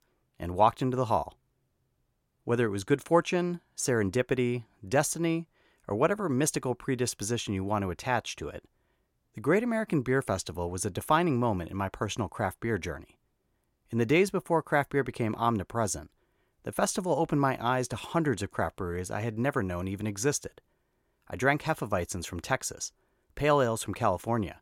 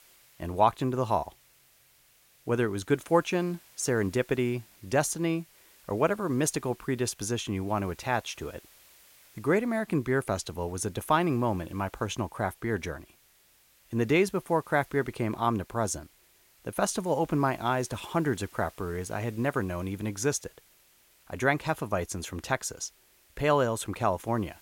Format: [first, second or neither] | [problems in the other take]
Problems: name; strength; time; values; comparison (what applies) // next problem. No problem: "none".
first | hiss; faint; throughout; 25 dB below the speech